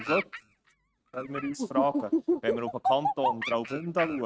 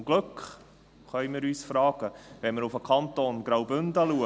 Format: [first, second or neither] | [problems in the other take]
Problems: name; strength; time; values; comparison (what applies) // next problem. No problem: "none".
second | noise reduction (neural mask model RNNoise)